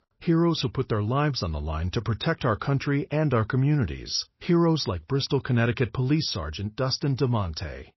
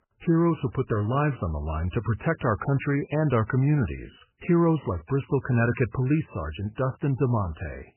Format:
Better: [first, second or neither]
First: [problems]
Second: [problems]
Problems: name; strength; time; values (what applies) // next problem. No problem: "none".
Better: first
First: garbled, watery; slightly; nothing above 5.5 kHz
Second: garbled, watery; badly; nothing above 3 kHz